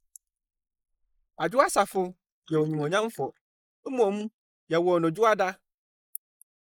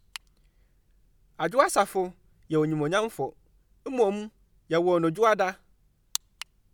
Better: second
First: noise reduction (neural mask model Resemble Enhance denoiser)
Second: none

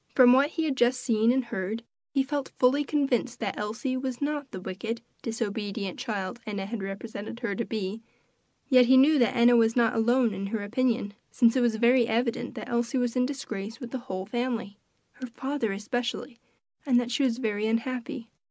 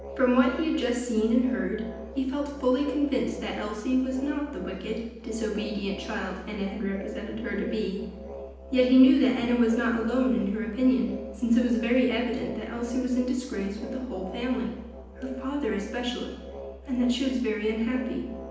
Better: first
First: none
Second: background sound (Musical instrument); 14 dB below the speech // room echo; dies away in 0.9 s

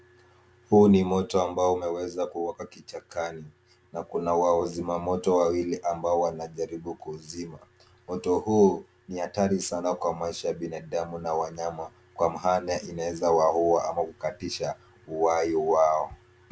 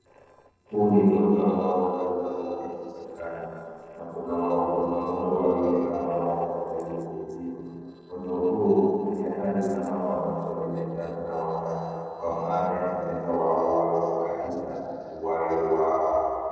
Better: first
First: none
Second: noise reduction (neural separator model SepFormer DNS4)

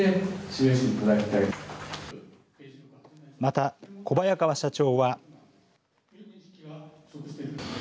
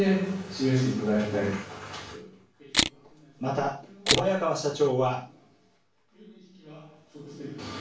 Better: first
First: none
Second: background sound (Camera); as loud as the speech // room echo; dies away in 0.3 s

